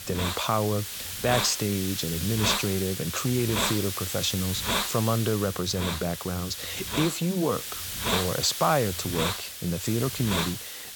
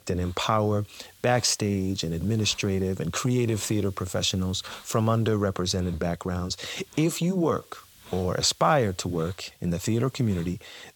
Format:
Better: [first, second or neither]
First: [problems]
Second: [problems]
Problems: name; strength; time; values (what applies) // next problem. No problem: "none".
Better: second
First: hiss; loud; throughout; 2 dB below the speech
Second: hiss; faint; throughout; 25 dB below the speech